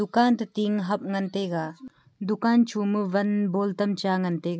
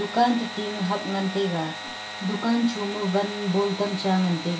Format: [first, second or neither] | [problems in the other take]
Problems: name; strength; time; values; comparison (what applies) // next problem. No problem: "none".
first | background sound (Sawing / Engine); 10 dB below the speech // room echo; dies away in 0.2 s